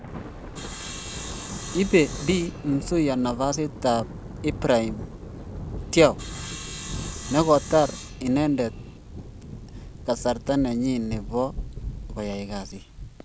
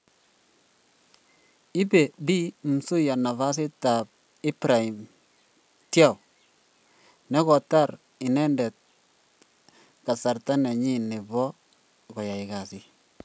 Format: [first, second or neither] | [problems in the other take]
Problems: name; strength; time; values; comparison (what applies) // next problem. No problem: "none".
second | background sound (Sawing + Thunder); 10 dB below the speech